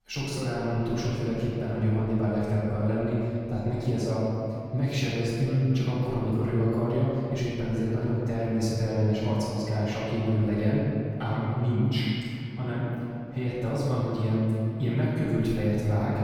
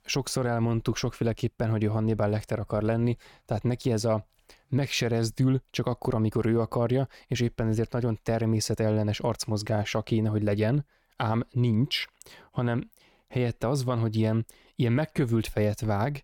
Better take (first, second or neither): second